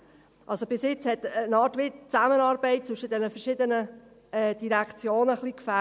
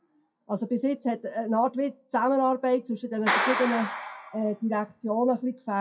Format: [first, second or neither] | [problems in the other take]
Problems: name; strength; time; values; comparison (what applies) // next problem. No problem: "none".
first | noise reduction (classical method WPE with log-MMSE)